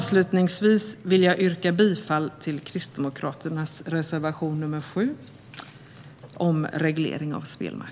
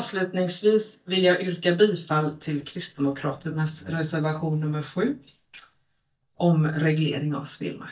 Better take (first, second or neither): first